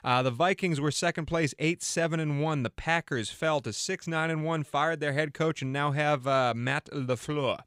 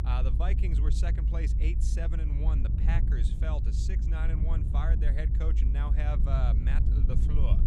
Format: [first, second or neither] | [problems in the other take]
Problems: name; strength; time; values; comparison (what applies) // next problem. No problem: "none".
first | low rumble; loud; throughout; 4 dB below the speech